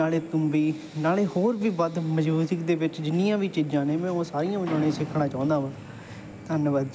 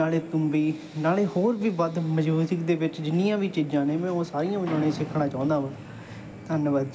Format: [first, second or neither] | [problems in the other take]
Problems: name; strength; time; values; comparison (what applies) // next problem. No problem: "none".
first | room echo; dies away in 1.6 s